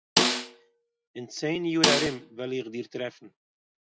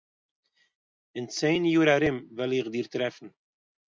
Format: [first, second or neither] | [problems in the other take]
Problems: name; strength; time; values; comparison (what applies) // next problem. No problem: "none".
second | background sound (Snare drum); 4 dB above the speech